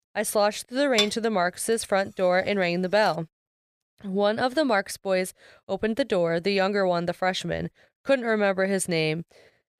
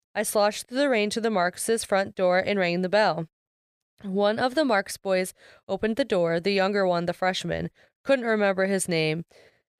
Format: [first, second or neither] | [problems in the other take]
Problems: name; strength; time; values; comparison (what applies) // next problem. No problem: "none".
second | clattering dishes; noticeable; at 1 s; peak 1 dB below the speech